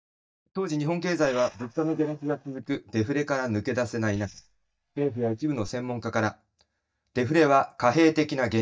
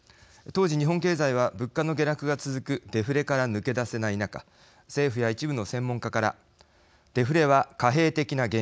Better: second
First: noise reduction (neural mask model DeepFilterNet 3)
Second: none

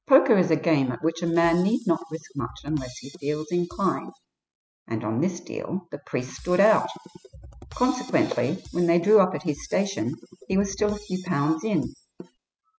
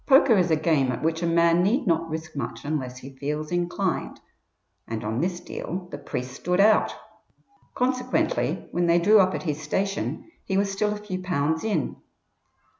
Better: second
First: noise reduction (classical method spectral subtraction)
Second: none

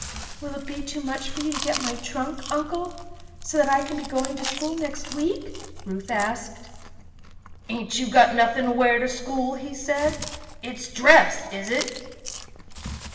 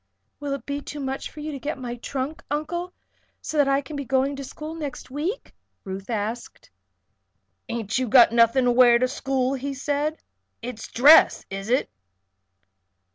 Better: second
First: background sound (Chewing, mastication); 11 dB below the speech // room echo; dies away in 1.1 s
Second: none

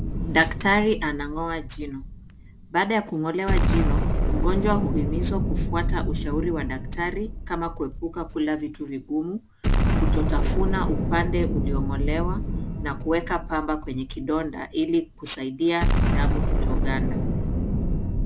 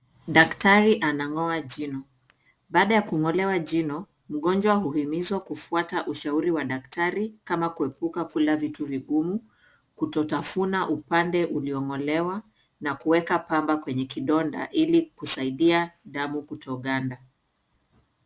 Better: second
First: background sound (Explosion); 3 dB above the speech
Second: none

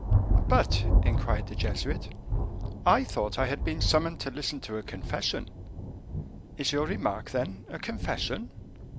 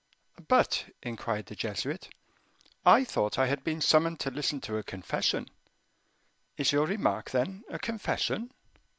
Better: second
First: background sound (Thunder); 2 dB above the speech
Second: none

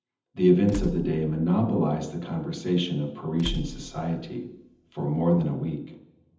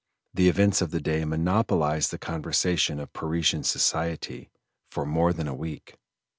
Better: second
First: background sound (Tools); 13 dB below the speech // room echo; dies away in 0.8 s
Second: none

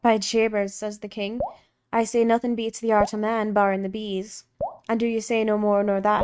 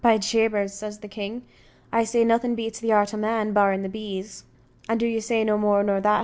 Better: second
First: noise reduction (neural mask model RNNoise)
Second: none

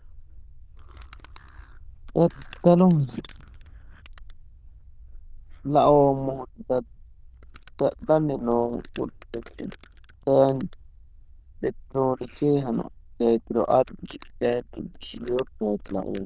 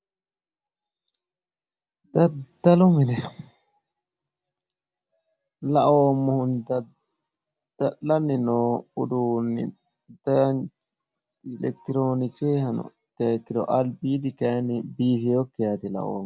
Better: second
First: noise reduction (neural diffusion model UNIVERSE++)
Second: none

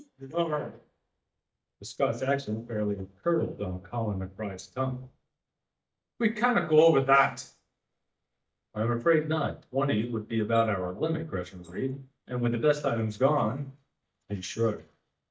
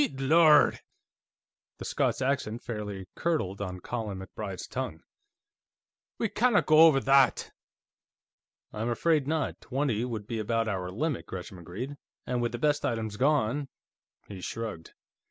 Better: second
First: noise reduction (neural mask model DeepFilterNet 3)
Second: none

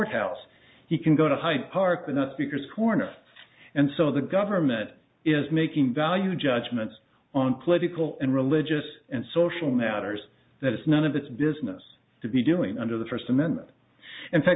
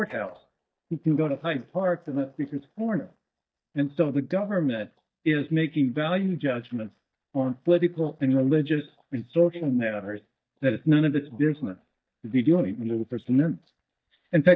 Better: first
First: none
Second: noise reduction (neural mask model DeepFilterNet 3)

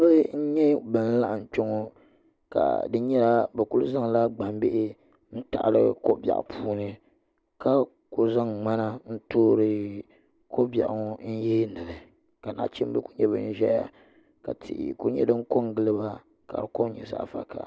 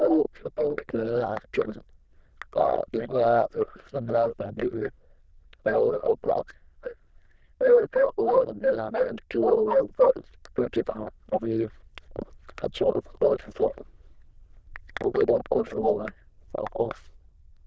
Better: first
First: none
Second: noise reduction (neural diffusion model UNIVERSE++)

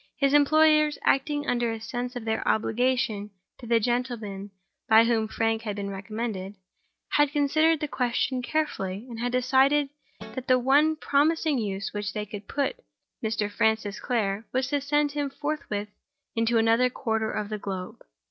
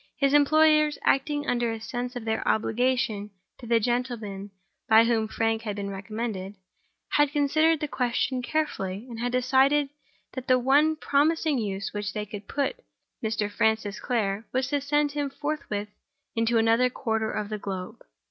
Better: second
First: noise reduction (neural separator model SepFormer DNS4)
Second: none

